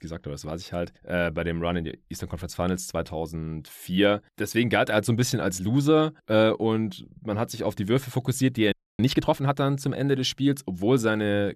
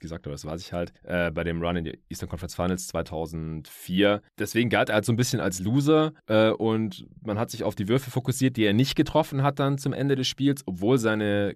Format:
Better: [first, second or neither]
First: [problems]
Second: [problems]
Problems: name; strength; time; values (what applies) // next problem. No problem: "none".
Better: second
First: audio freezing; at 8.5 s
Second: none